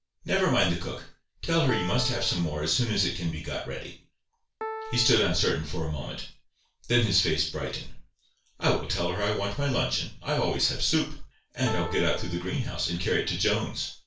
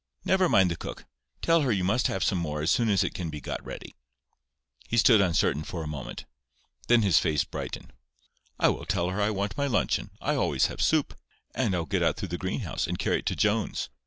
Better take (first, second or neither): second